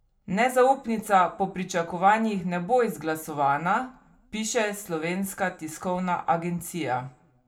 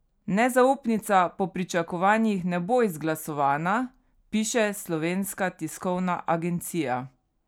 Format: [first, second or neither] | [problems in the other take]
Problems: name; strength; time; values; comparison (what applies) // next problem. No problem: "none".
second | room echo; dies away in 0.3 s